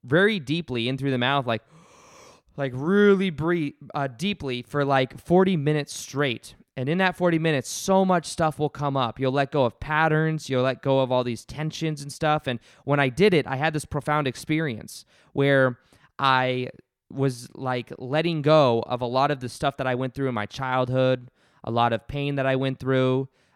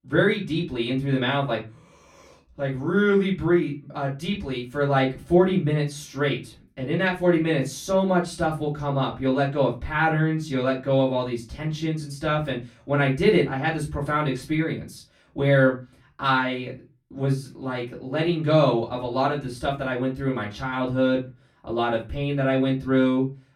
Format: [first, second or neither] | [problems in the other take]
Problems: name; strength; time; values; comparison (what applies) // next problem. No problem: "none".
first | off-mic speech; far // room echo; very slight; dies away in 0.2 s